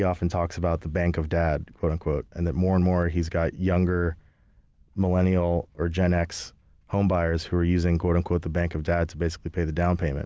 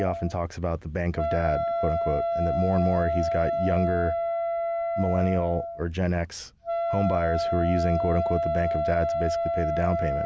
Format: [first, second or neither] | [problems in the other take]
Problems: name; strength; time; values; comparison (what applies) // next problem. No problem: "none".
first | background sound (Wind instrument, woodwind instrument); as loud as the speech